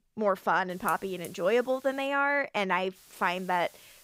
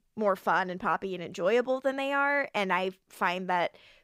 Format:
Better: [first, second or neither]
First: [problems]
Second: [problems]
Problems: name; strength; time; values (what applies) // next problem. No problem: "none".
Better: second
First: hiss; faint; from 0.5 to 2 s and from 3 s on; 20 dB below the speech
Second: none